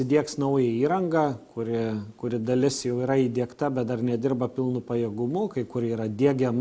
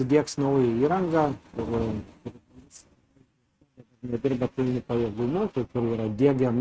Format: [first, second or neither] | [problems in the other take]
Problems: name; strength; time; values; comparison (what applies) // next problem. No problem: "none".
first | noise reduction (neural mask model RNNoise)